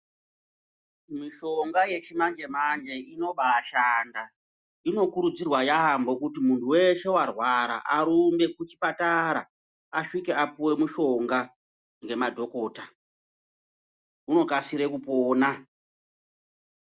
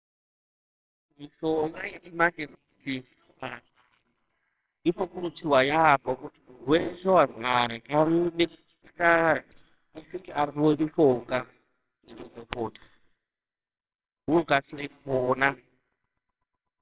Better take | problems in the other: first | noise reduction (neural separator model SepFormer WHAMR!)

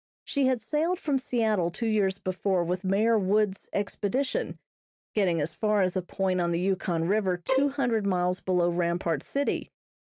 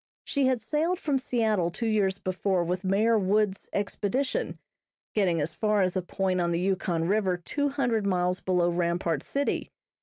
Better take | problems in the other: second | noise reduction (neural mask model DeepFilterNet 3)

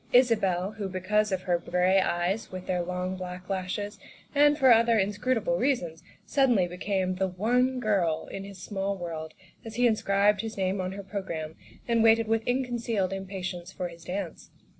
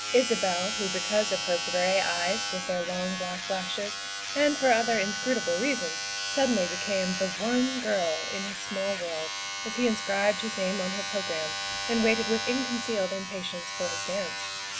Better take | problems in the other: first | background sound (Domestic sounds, home sounds); 4 dB below the speech

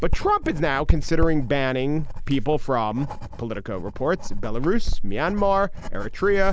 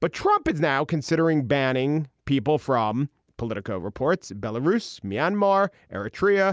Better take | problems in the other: second | background sound (Writing); 1 dB above the speech

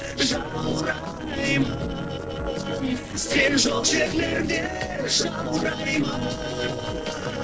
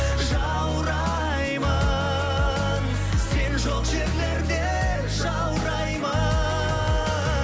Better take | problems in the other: second | noise reduction (neural separator model SepFormer DNS4)

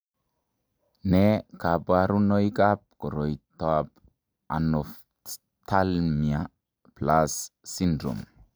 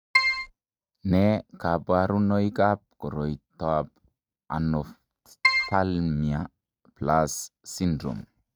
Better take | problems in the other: first | noise reduction (neural mask model RNNoise)

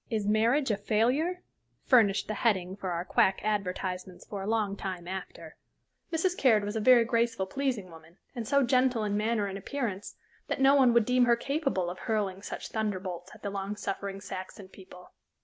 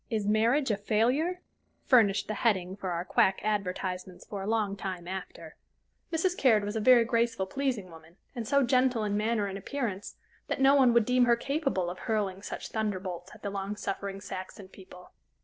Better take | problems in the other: first | noise reduction (neural separator model SepFormer DNS4)

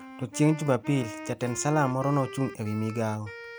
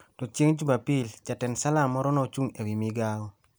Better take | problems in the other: second | background sound (Wind instrument, woodwind instrument); 14 dB below the speech

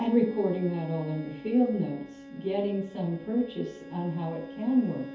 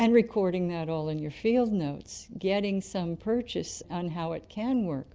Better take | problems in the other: second | background sound (Bowed string instrument); 16 dB below the speech // room echo; dies away in 0.5 s

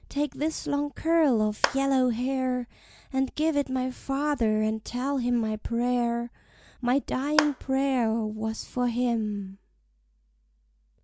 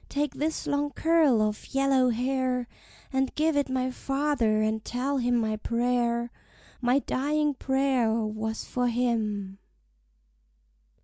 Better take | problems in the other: second | background sound (Clapping); 8 dB below the speech

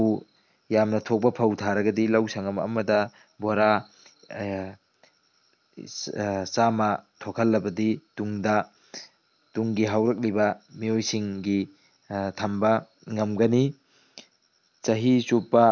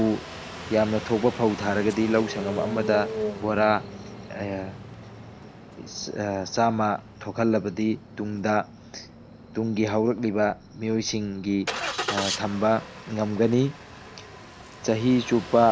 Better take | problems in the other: first | background sound (Engine starting); 11 dB below the speech

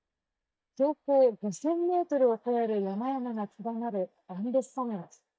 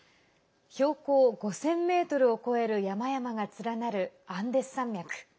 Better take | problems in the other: second | noise reduction (neural mask model DeepFilterNet 3)

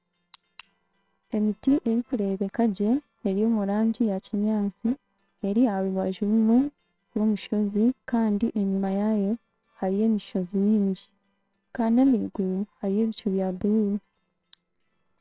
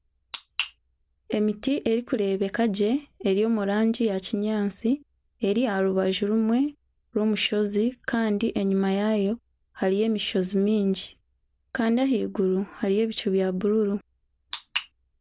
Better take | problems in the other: second | noise reduction (neural separator model SepFormer WHAMR!)

